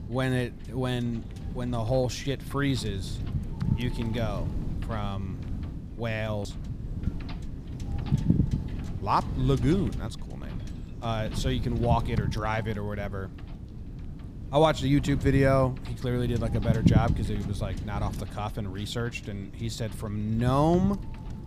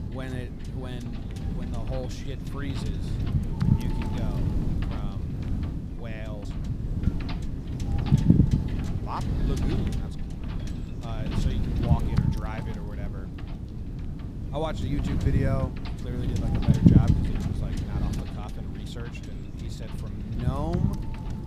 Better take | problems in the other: first | wind noise on the microphone; heavy; 2 dB above the speech; occasional gusts in the first

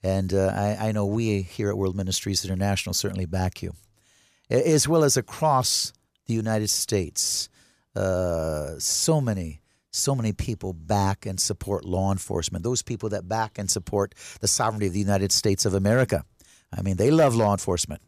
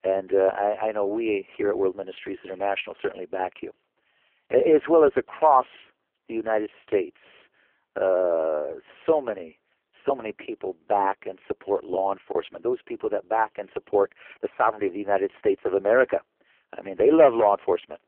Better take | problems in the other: first | phone-call audio; poor line

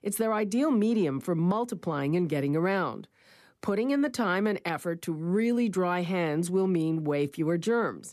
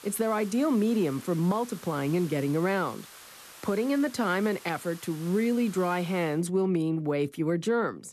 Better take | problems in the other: first | hiss; noticeable; until 6.5 s; 20 dB below the speech

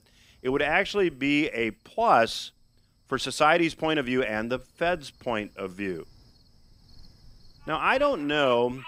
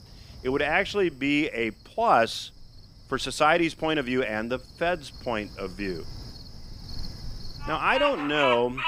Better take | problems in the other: first | animal sounds; loud; throughout; 9 dB below the speech; faint in the first

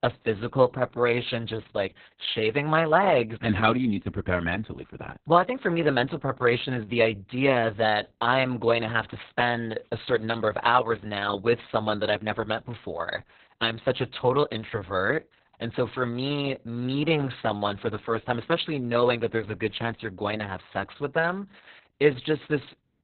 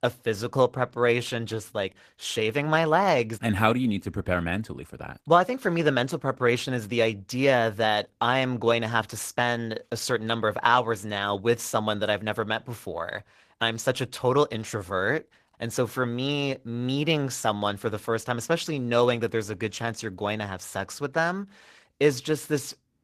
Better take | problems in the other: second | garbled, watery; badly; nothing above 4 kHz; slightly in the second

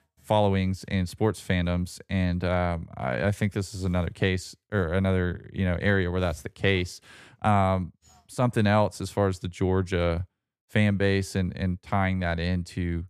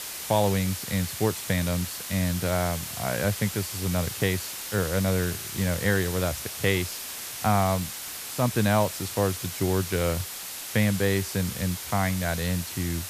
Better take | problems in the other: first | hiss; loud; throughout; 6 dB below the speech

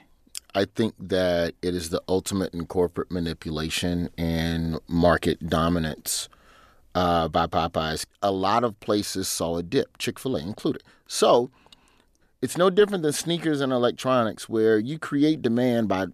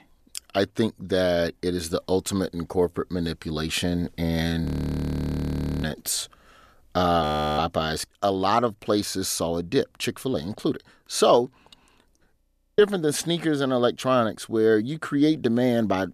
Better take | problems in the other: first | audio freezing; at 4.5 s for 1 s, at 7 s and at 12 s

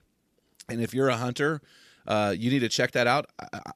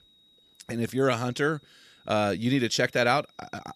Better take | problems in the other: first | high-pitched whine; faint; throughout; 4 kHz, 30 dB below the speech

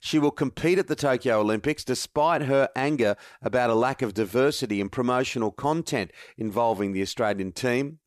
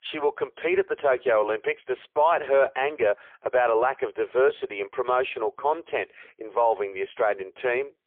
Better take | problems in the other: first | phone-call audio; poor line; nothing above 3.5 kHz

